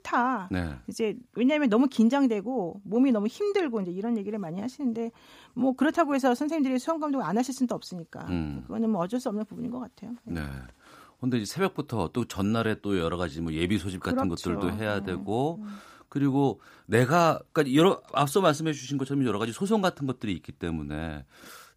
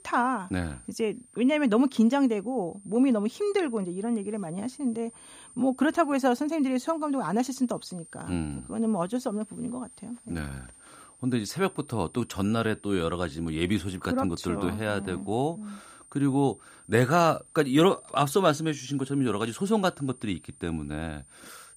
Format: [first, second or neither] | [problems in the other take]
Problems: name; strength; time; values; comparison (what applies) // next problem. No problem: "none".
first | high-pitched whine; faint; throughout; 9 kHz, 25 dB below the speech